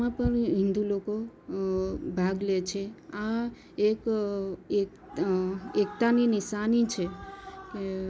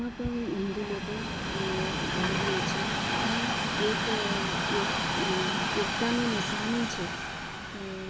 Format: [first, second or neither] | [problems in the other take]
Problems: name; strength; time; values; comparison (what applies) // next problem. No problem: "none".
first | background sound (Train); 3 dB above the speech